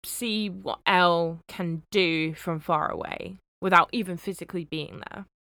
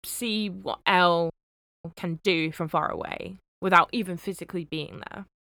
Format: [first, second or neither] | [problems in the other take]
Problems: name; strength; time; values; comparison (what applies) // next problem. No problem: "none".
first | audio freezing; at 1.5 s for 0.5 s